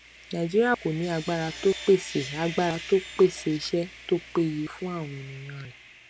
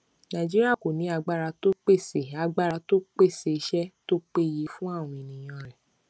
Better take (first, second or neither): second